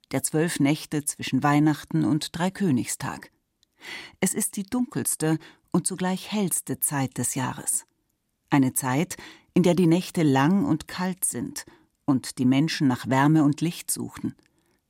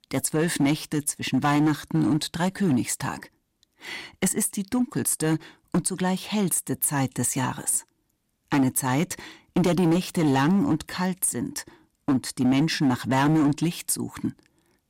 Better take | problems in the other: first | distortion; slight; 7% of the sound clipped

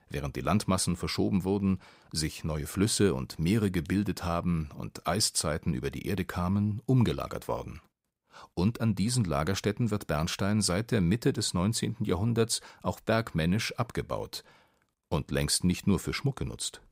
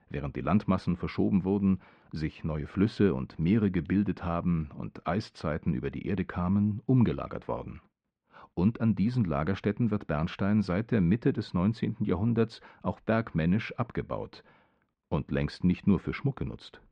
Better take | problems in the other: first | muffled; very; fading above 2.5 kHz

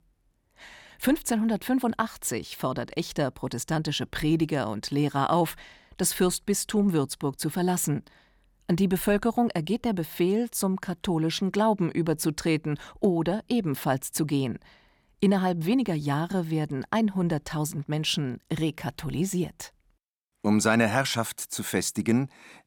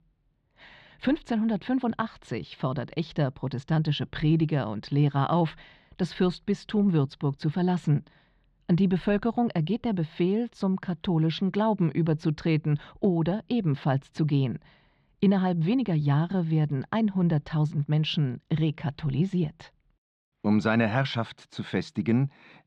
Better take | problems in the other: first | muffled; slightly; fading above 4 kHz

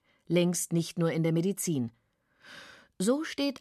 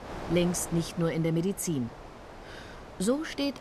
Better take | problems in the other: first | wind noise on the microphone; occasional gusts; 10 dB below the speech

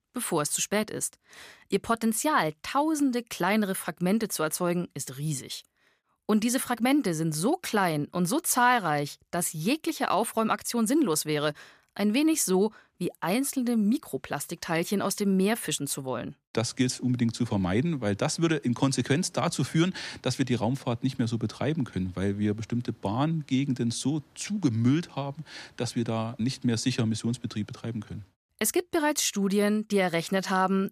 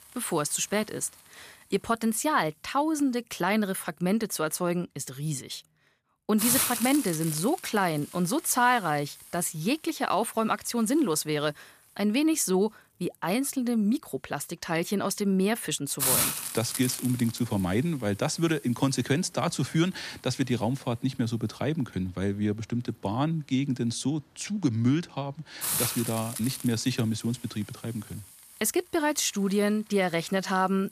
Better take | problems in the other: first | hiss; loud; throughout; 2 dB below the speech

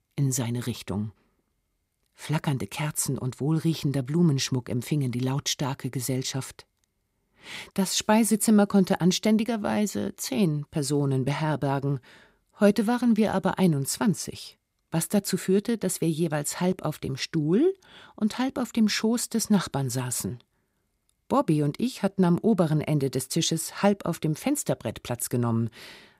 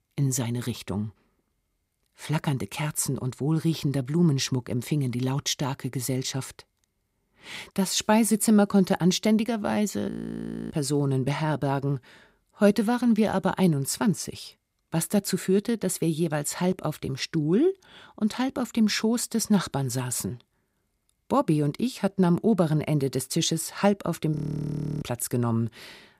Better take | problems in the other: first | audio freezing; at 10 s for 0.5 s and at 24 s for 0.5 s

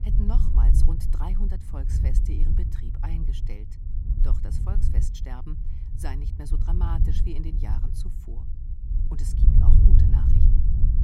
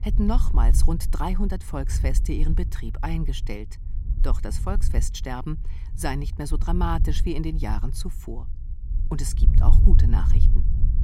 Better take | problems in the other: second | wind noise on the microphone; heavy; 2 dB above the speech; occasional gusts in the second

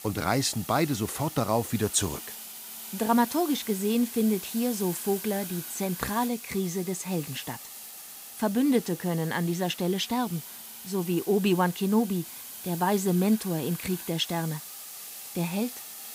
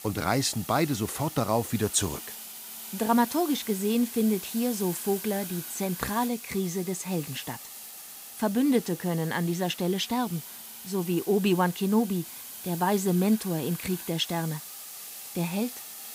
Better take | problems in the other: neither | hiss; noticeable; throughout; 10 dB below the speech; the same in both

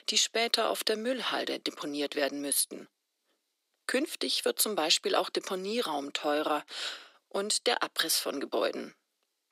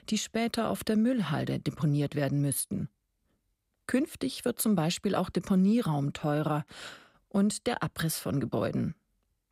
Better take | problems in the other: second | thin; somewhat; fading below 300 Hz

